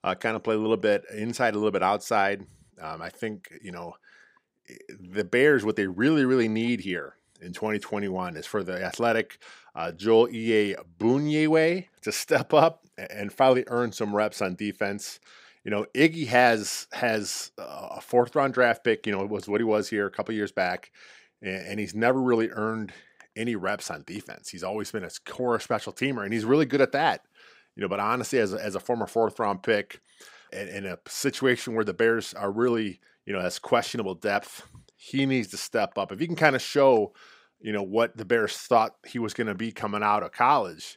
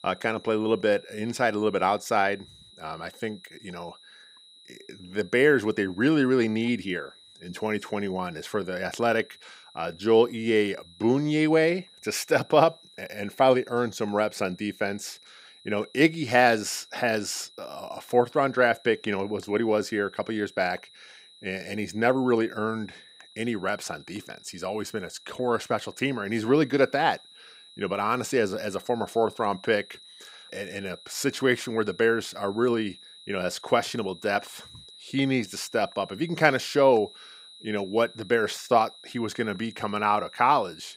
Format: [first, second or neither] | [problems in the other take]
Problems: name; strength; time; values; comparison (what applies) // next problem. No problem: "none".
first | high-pitched whine; faint; throughout; 4 kHz, 25 dB below the speech